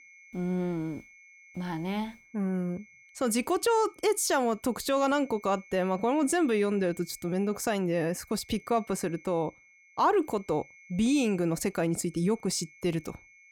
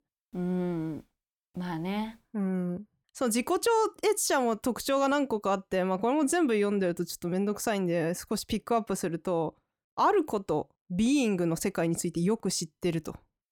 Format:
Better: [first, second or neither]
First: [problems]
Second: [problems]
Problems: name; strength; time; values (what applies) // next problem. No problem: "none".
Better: second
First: high-pitched whine; faint; throughout; 2 kHz, 25 dB below the speech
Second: none